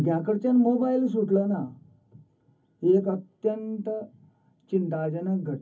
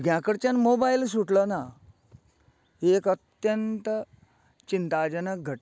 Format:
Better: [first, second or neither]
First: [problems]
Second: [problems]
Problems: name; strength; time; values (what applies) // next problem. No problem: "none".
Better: second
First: room echo; dies away in 0.3 s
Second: none